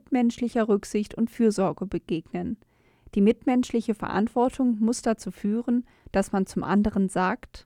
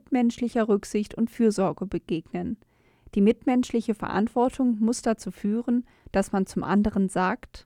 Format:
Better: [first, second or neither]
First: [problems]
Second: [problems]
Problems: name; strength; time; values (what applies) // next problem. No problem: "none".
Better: neither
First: none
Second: none